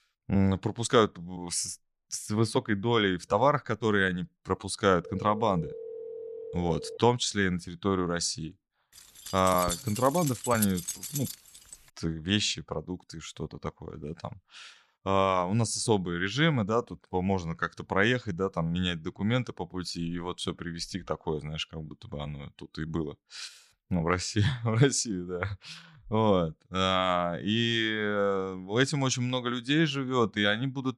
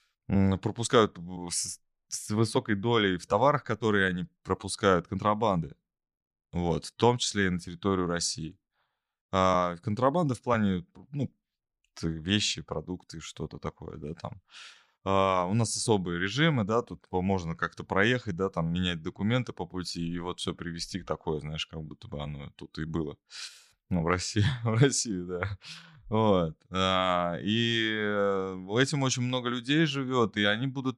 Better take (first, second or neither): second